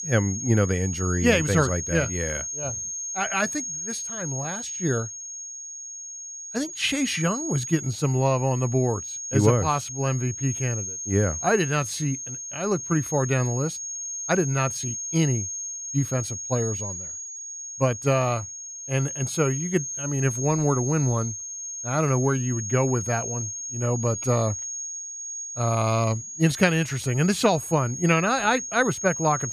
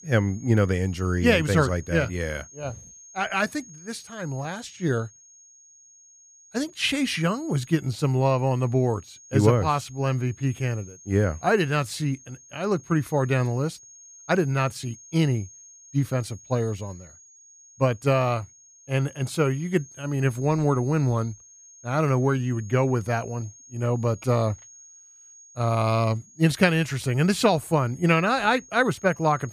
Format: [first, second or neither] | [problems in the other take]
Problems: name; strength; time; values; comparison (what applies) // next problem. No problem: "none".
second | high-pitched whine; loud; throughout; 6.5 kHz, 6 dB below the speech; faint in the second